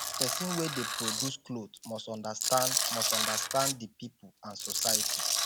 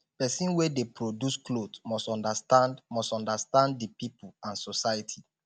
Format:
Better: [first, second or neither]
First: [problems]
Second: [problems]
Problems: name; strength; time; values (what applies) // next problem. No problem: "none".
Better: second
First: background sound (Tools); 3 dB above the speech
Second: none